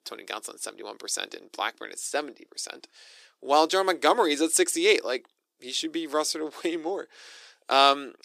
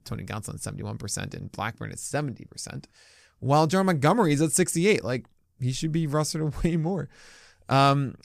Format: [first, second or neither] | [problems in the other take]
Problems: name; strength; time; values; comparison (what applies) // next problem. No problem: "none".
second | thin; very; fading below 350 Hz